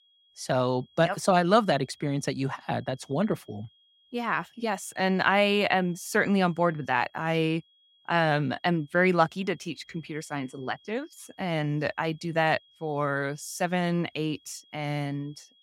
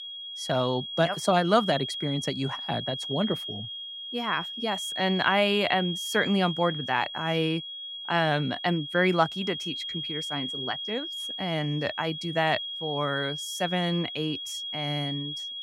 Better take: first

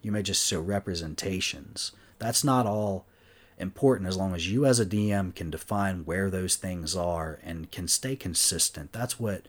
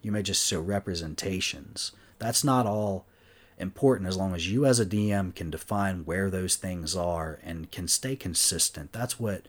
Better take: neither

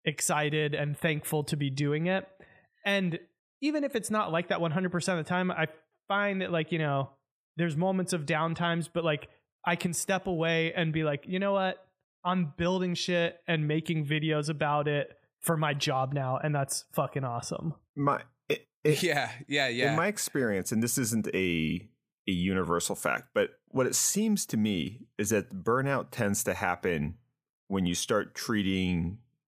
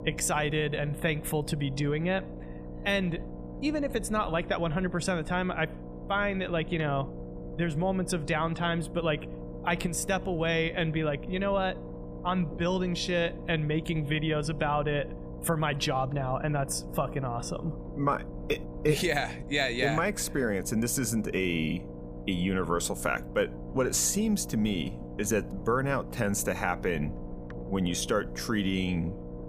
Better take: first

